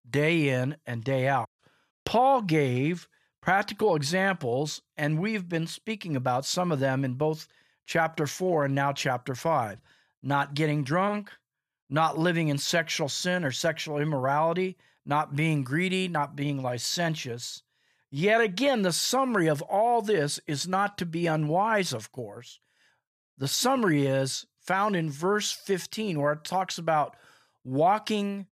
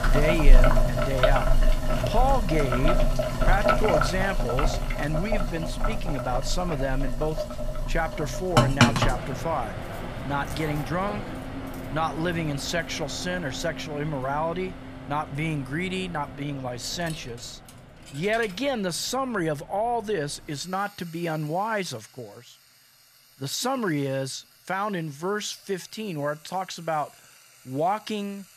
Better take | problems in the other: first | household noises; very loud; throughout; 1 dB above the speech

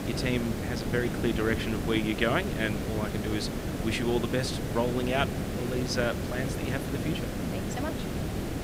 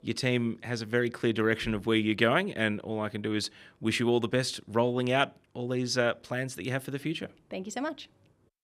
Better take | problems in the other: second | hiss; loud; throughout; 1 dB below the speech

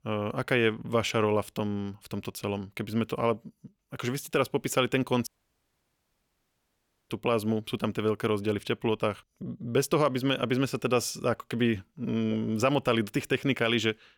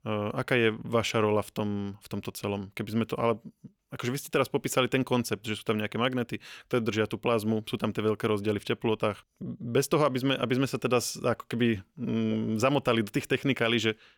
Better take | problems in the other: second | audio cutting out; at 5.5 s for 2 s

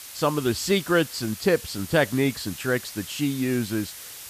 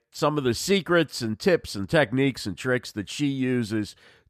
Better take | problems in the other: second | hiss; noticeable; throughout; 10 dB below the speech

